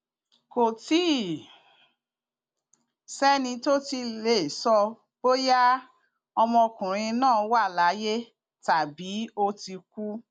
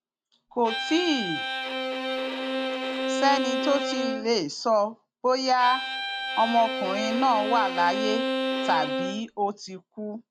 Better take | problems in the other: first | background sound (Bowed string instrument); 2 dB below the speech

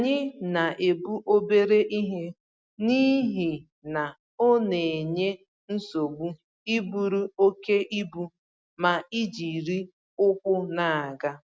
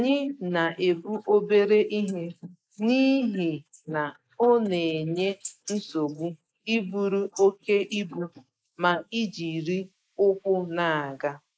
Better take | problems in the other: first | noise reduction (neural mask model Resemble Enhance denoiser)

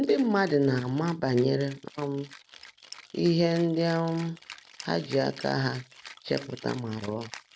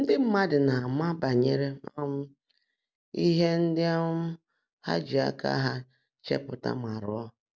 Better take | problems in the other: second | background sound (Rattle (instrument)); 20 dB below the speech

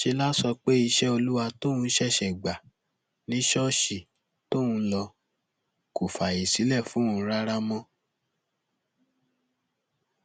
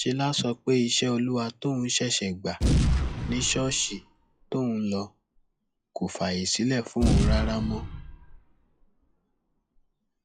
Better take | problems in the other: first | noise reduction (classical method log-MMSE)

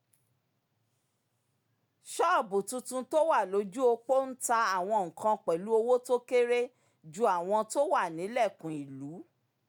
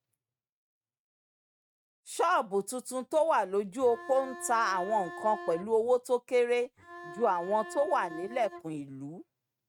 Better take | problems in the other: first | noise reduction (neural mask model RNNoise)

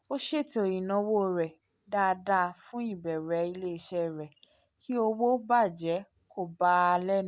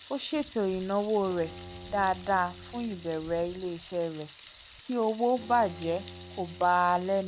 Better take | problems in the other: first | background sound (Thunder + Bowed string instrument); 17 dB below the speech

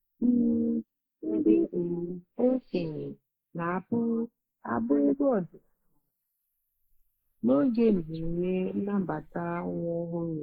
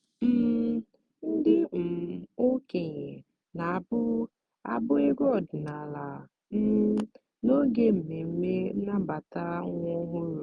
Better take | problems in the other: second | noise reduction (neural mask model Resemble Enhance denoiser)

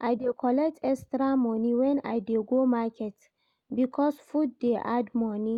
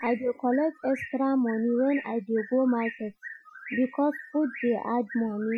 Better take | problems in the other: first | noise reduction (classical method Wiener filter)

